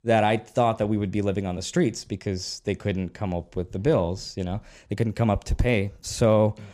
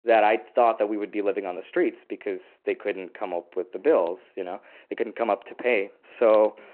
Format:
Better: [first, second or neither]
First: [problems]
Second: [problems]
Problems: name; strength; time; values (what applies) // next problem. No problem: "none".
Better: first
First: none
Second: phone-call audio